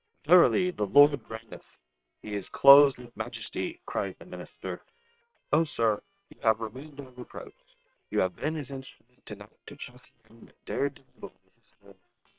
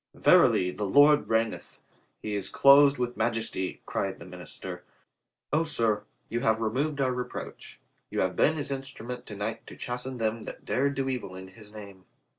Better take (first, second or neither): second